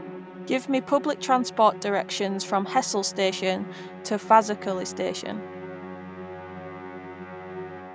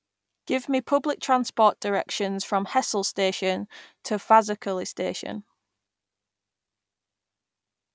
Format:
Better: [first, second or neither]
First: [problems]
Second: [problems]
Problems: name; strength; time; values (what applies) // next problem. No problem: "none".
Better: second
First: background sound (Musical instrument); 12 dB below the speech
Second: none